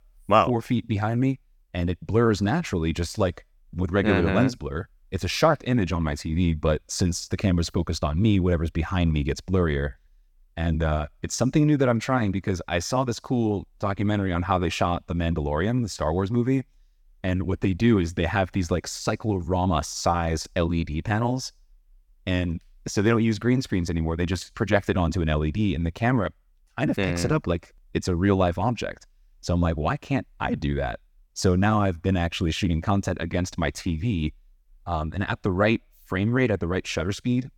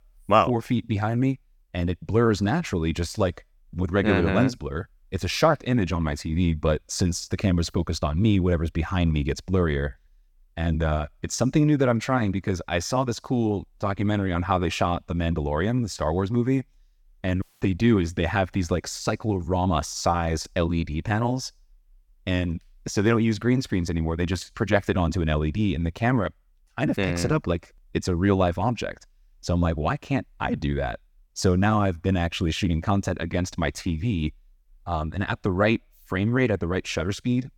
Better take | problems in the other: first | audio cutting out; at 17 s

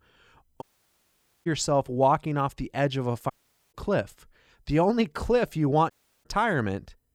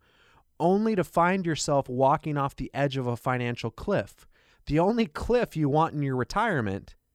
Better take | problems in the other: second | audio cutting out; at 0.5 s for 1 s, at 3.5 s and at 6 s

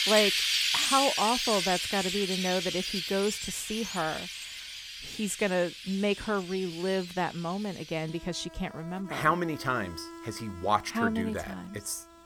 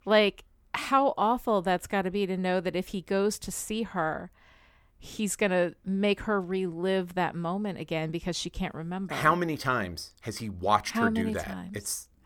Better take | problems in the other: second | animal sounds; very loud; throughout; as loud as the speech

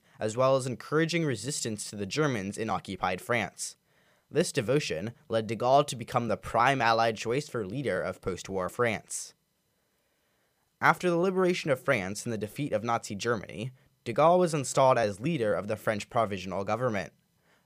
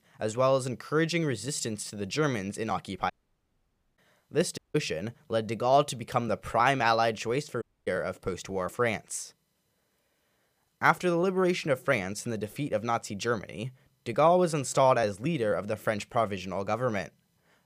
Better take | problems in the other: first | audio cutting out; at 3 s for 1 s, at 4.5 s and at 7.5 s

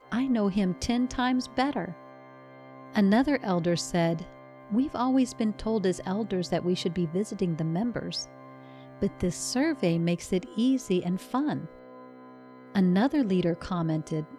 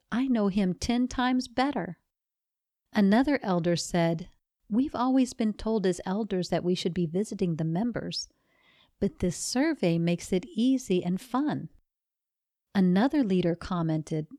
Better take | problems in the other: second | background music; faint; throughout; 20 dB below the speech

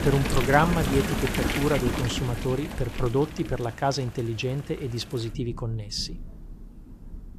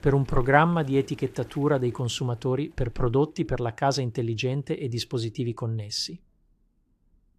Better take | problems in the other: second | rain or running water; loud; throughout; 3 dB below the speech; faint in the second

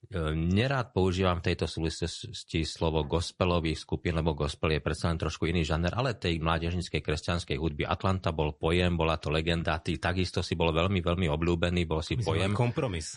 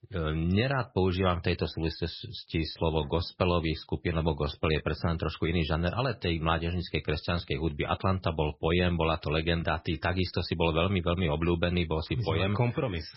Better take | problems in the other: first | garbled, watery; badly; nothing above 5.5 kHz; slightly in the first

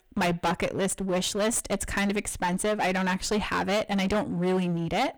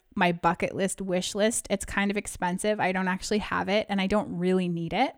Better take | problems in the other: second | distortion; heavy; 20% of the sound clipped

